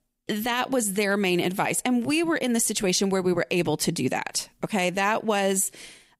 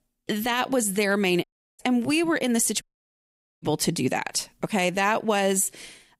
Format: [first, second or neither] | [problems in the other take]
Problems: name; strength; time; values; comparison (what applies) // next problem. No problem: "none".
first | audio cutting out; at 1.5 s and at 3 s for 1 s